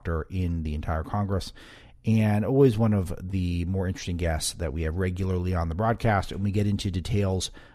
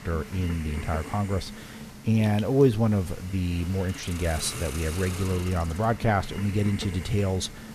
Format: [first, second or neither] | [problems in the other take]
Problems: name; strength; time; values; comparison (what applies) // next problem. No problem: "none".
first | hiss; noticeable; throughout; 10 dB below the speech